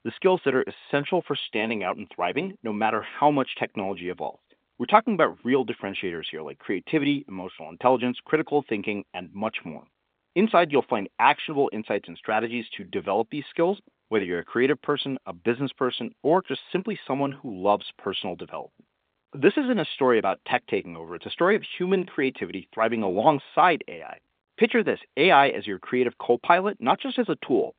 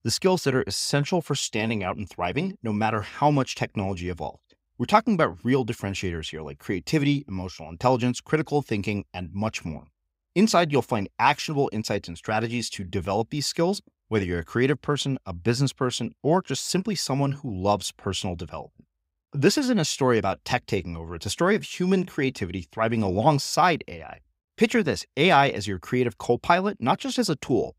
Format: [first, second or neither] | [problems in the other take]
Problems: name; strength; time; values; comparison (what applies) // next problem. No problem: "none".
second | phone-call audio; nothing above 3.5 kHz